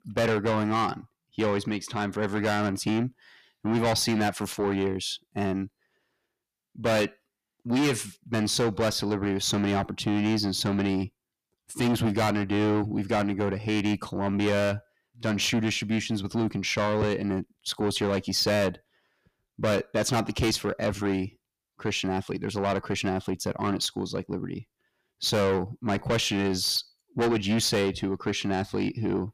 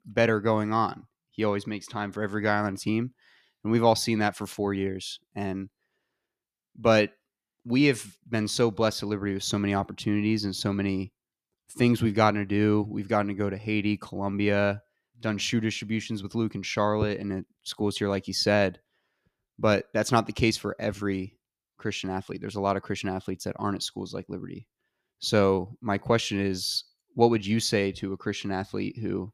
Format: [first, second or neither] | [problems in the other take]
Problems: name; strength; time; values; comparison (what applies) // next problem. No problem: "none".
second | distortion; heavy; 6 dB below the speech